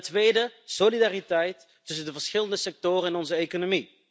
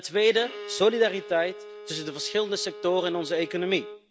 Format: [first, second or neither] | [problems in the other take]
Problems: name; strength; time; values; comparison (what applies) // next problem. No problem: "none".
first | background sound (Bowed string instrument); 15 dB below the speech